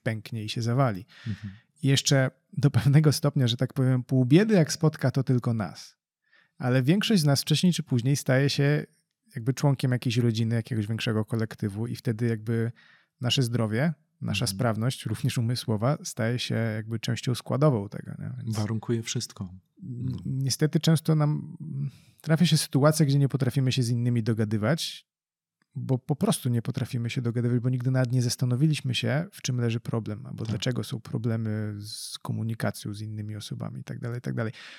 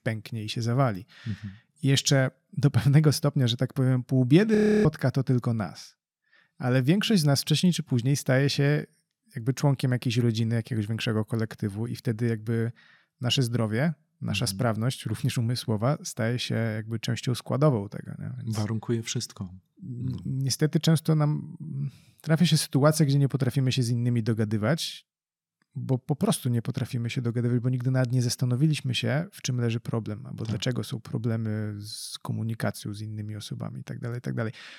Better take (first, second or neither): first